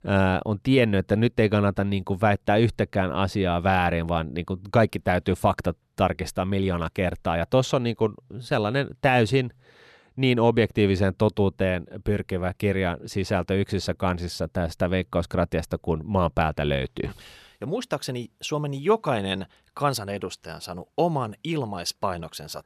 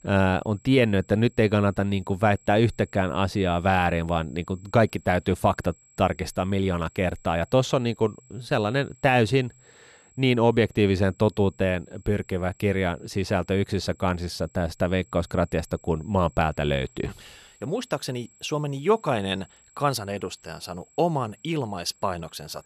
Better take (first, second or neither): first